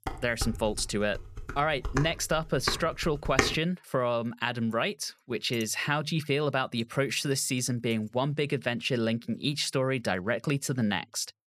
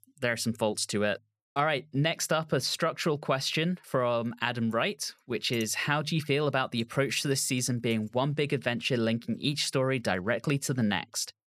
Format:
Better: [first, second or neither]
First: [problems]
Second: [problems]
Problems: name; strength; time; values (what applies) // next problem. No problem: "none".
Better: second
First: clattering dishes; loud; until 3.5 s; peak 1 dB above the speech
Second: none